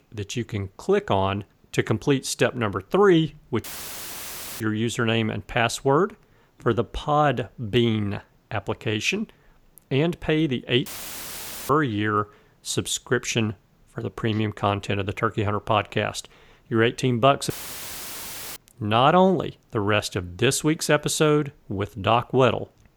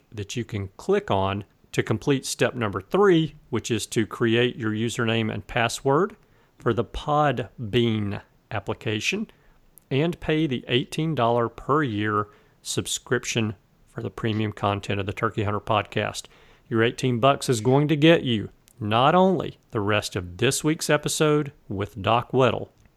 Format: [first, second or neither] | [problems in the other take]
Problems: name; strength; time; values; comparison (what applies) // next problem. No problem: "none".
second | audio cutting out; filled with static; at 3.5 s for 1 s, at 11 s for 1 s and at 18 s for 1 s